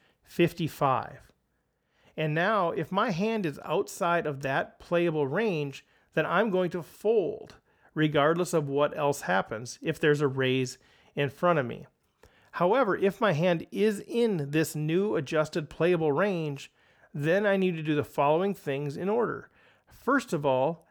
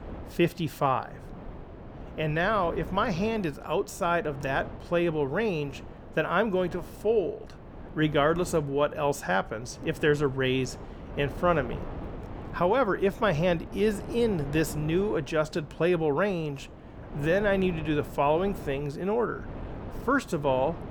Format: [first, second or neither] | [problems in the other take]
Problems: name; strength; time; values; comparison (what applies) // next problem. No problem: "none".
first | wind noise on the microphone; occasional gusts; 20 dB below the speech